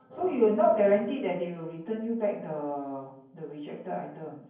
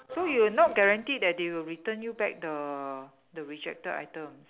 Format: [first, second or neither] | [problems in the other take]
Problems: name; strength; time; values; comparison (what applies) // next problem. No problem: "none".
second | room echo; dies away in 0.9 s